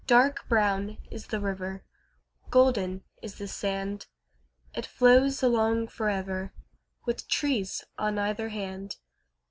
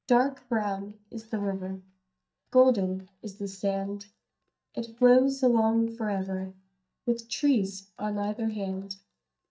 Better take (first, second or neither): first